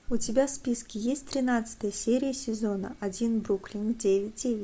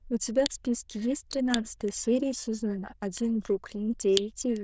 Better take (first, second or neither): first